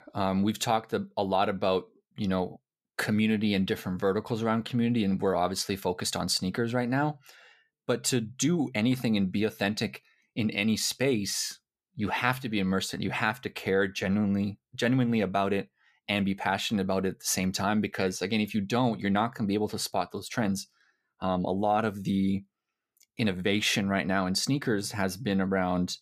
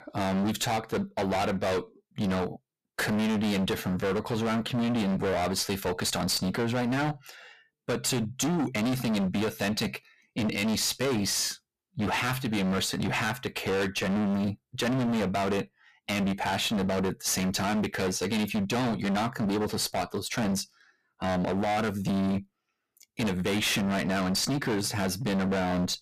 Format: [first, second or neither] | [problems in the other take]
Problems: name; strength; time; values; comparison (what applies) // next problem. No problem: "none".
first | distortion; heavy; 31% of the sound clipped